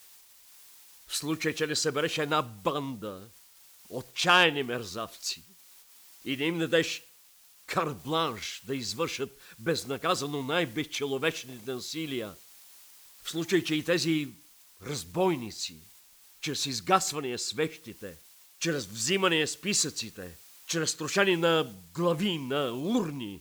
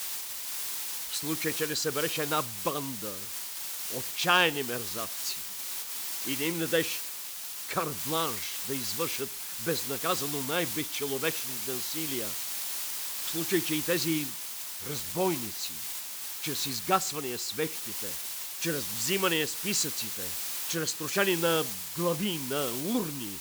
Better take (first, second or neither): first